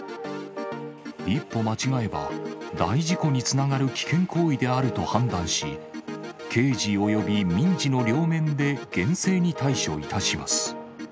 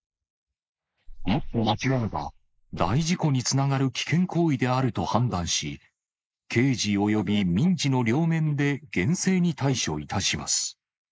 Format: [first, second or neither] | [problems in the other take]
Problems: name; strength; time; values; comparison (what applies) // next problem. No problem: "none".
first | noise reduction (neural mask model Resemble Enhance denoiser)